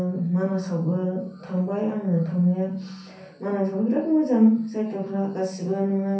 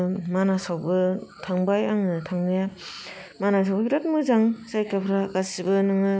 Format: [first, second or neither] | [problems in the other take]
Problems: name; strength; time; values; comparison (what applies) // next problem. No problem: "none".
second | room echo; dies away in 0.6 s